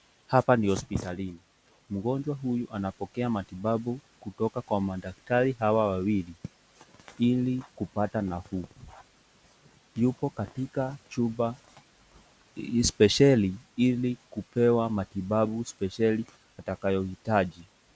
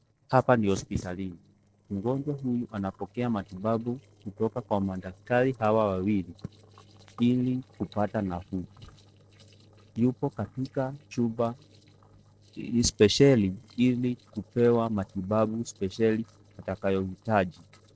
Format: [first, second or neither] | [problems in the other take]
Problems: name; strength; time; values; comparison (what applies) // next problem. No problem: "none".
first | noise reduction (neural separator model SepFormer DNS4)